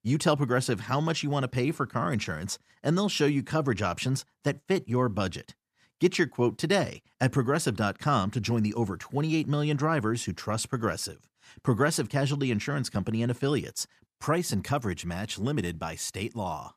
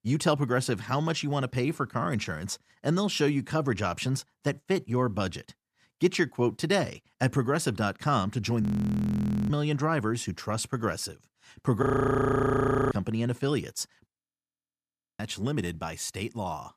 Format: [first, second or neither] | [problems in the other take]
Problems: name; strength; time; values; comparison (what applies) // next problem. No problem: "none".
first | audio freezing; at 8.5 s for 1 s, at 12 s for 1 s and at 14 s for 1 s